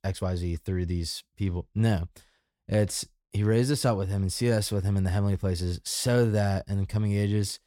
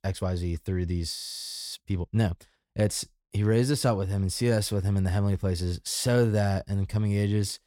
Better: first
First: none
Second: audio freezing; at 1 s for 0.5 s

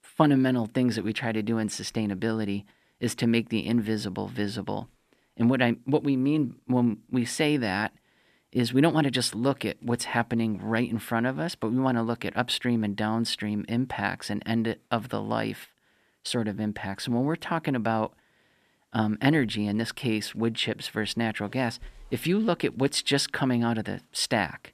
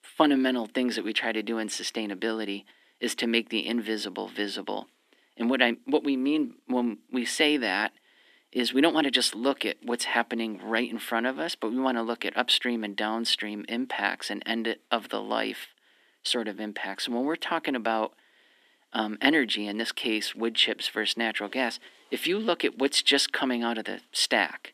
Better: first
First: none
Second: thin; very slightly; fading below 250 Hz

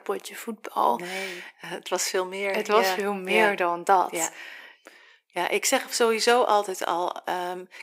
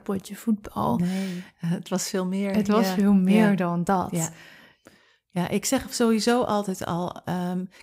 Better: second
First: thin; very; fading below 350 Hz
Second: none

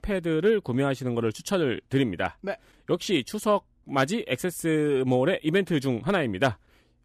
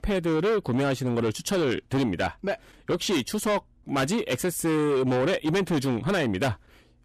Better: first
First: none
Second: distortion; heavy; 7 dB below the speech

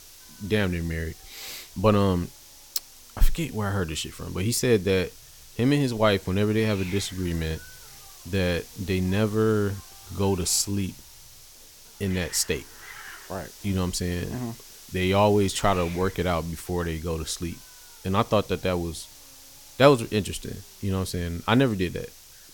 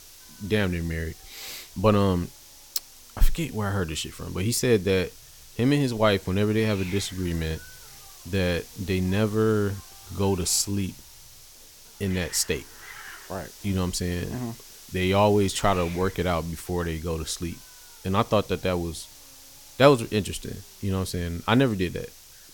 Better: neither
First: hiss; noticeable; throughout; 20 dB below the speech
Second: hiss; noticeable; throughout; 20 dB below the speech

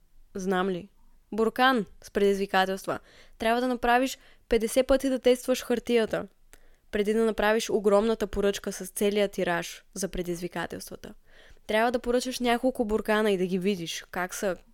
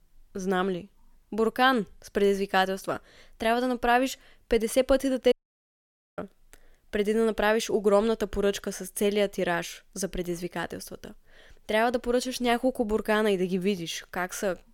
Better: first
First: none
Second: audio cutting out; at 5.5 s for 1 s

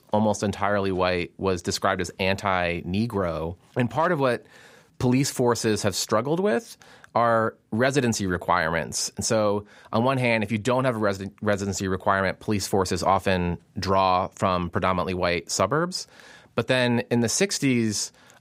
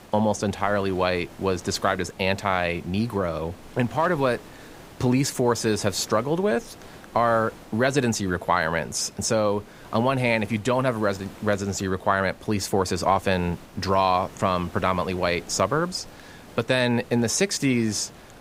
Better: first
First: none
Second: hiss; faint; throughout; 20 dB below the speech

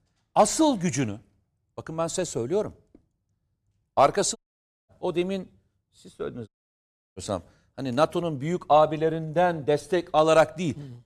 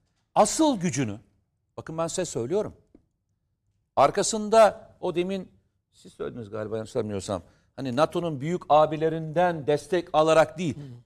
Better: second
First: audio cutting out; at 4.5 s for 0.5 s and at 6.5 s for 0.5 s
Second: none

